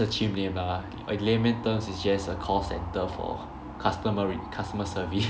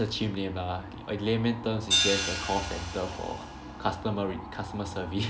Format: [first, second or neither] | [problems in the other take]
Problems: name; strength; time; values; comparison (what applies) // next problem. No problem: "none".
first | background sound (Hi-hat); 5 dB below the speech